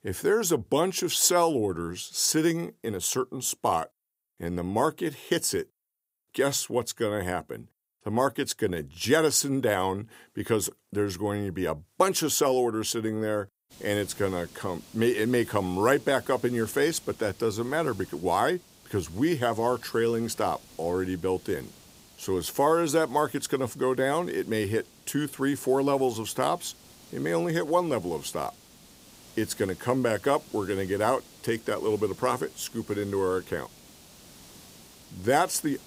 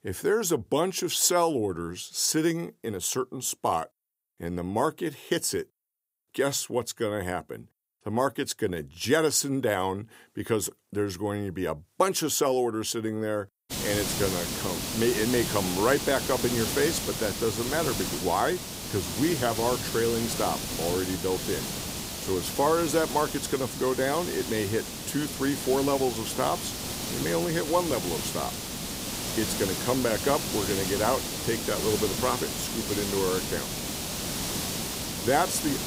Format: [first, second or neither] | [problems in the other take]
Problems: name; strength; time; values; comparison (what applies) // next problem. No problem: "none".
first | hiss; loud; from 14 s on; 3 dB below the speech; faint in the first